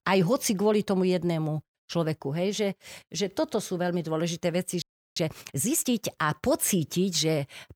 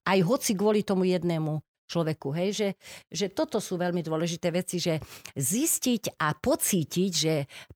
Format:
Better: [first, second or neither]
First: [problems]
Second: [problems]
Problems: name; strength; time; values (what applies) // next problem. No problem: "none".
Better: second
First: audio freezing; at 5 s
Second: none